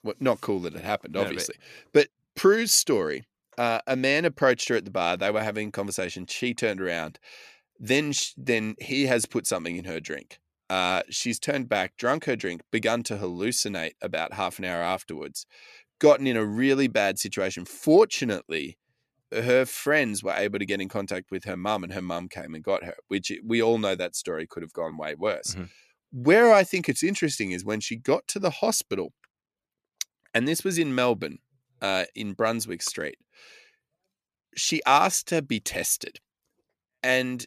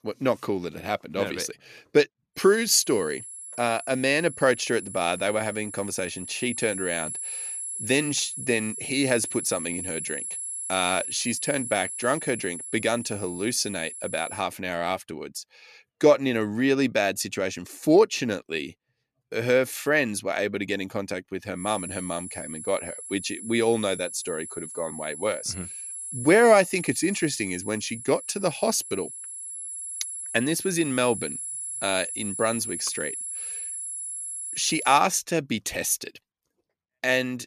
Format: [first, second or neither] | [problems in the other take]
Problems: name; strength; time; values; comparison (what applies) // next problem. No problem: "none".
first | high-pitched whine; loud; from 2.5 to 14 s and from 22 to 35 s; 10.5 kHz, 7 dB below the speech